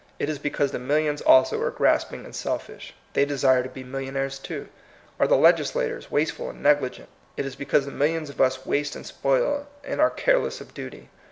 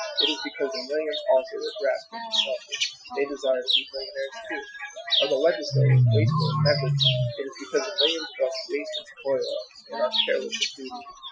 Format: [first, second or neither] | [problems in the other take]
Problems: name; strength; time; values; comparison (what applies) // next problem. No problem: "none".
first | noise reduction (classical method Wiener filter)